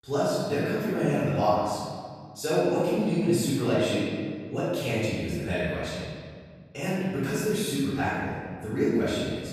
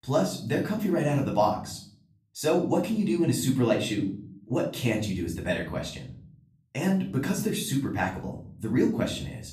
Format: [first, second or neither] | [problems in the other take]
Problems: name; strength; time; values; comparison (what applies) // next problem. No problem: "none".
second | room echo; strong; dies away in 1.7 s; slight in the second // off-mic speech; far; far in the second